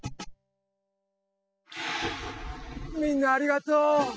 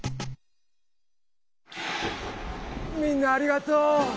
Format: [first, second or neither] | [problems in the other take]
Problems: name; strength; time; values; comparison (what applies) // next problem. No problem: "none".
second | noise reduction (classical method spectral subtraction)